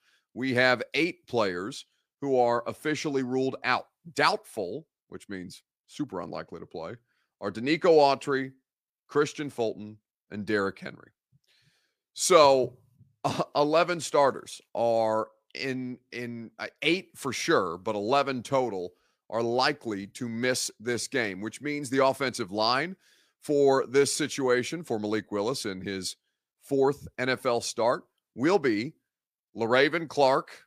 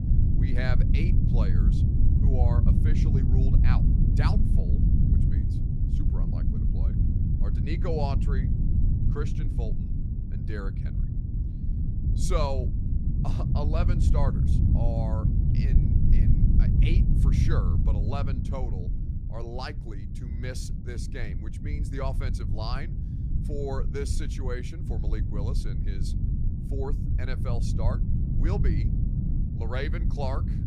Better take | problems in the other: first | low rumble; loud; throughout; 2 dB below the speech

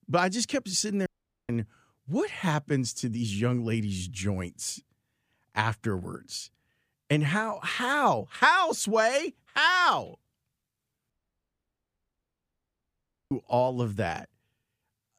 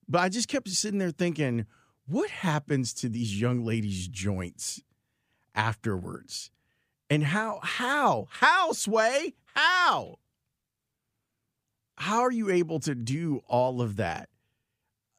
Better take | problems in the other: second | audio cutting out; at 1 s and at 11 s for 2 s

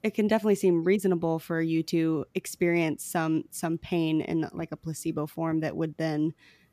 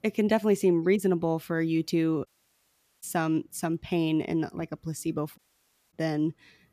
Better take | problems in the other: first | audio cutting out; at 2.5 s for 1 s and at 5.5 s for 0.5 s

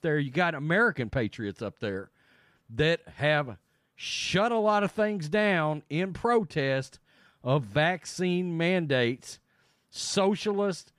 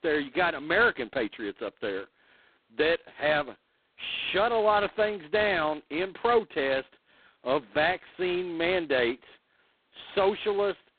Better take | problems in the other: first | phone-call audio; poor line; nothing above 4 kHz

